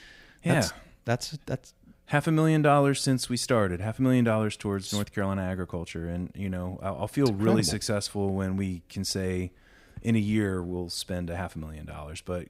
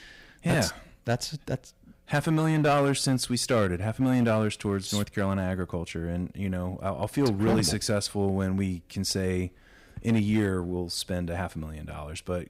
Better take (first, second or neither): first